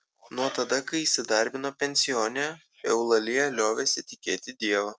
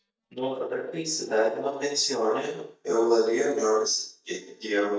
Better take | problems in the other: first | noise reduction (neural mask model DeepFilterNet 3)

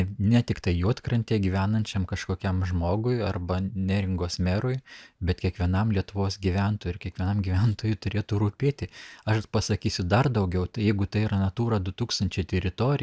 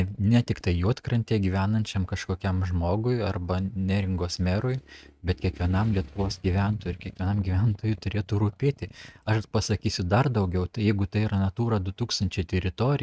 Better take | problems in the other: first | noise reduction (neural mask model RNNoise)

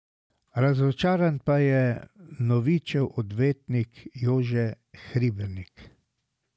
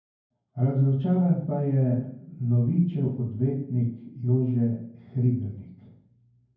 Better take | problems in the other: first | room echo; dies away in 0.9 s

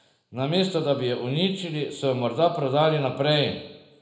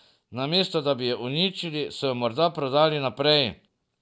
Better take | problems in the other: second | room echo; dies away in 0.7 s

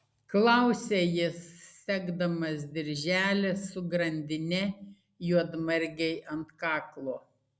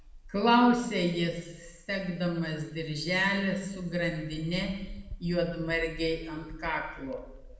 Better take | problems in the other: first | background sound (Bird); 16 dB below the speech // room echo; dies away in 0.9 s

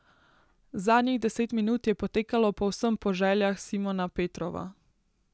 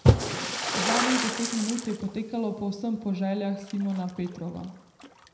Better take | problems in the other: first | background sound (Splash, splatter); 1 dB above the speech // room echo; dies away in 0.7 s

